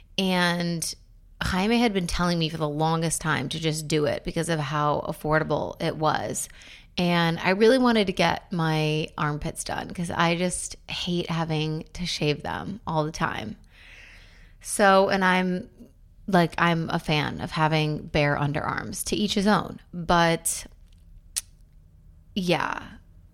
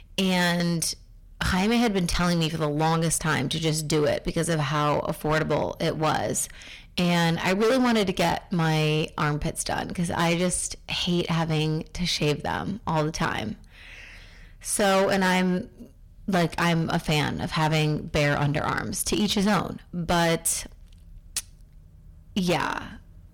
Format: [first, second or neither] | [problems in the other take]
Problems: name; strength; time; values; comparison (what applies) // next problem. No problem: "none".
first | distortion; heavy; 11% of the sound clipped